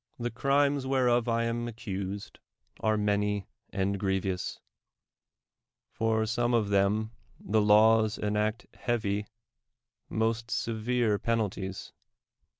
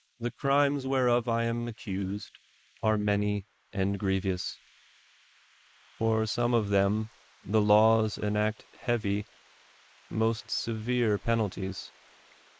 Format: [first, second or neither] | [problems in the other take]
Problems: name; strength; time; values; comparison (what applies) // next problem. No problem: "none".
first | noise reduction (neural mask model Resemble Enhance denoiser)